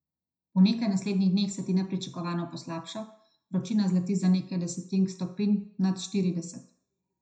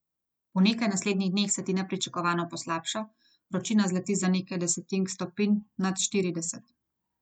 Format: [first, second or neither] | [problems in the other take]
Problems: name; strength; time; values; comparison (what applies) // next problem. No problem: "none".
second | room echo; dies away in 0.5 s